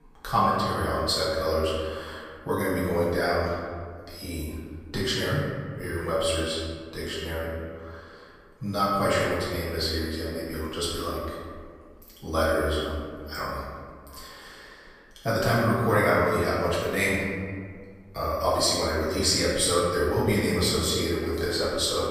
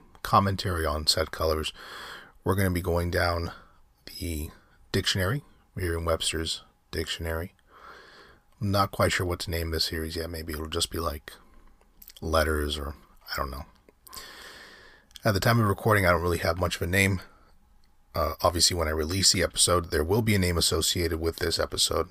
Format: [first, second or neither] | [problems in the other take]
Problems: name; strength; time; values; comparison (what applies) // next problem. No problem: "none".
second | room echo; strong; dies away in 1.6 s // off-mic speech; far